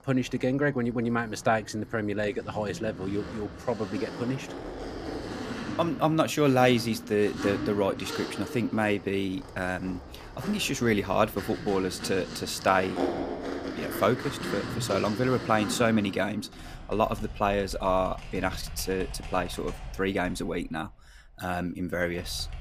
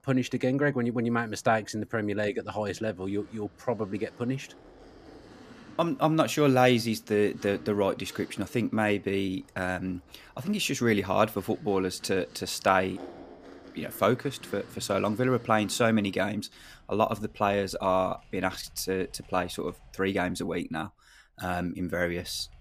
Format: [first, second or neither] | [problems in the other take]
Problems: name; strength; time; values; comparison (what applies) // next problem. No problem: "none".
second | household noises; loud; throughout; 9 dB below the speech; faint in the second